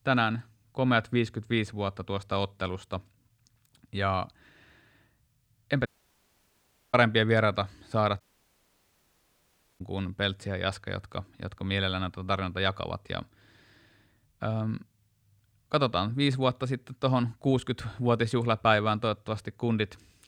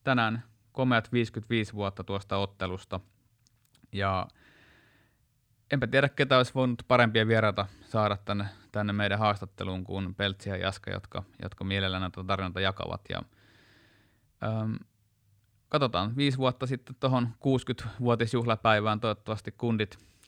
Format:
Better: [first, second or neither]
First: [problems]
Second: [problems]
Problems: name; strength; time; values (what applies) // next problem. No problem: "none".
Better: second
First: audio cutting out; at 6 s for 1 s and at 8 s for 1.5 s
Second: none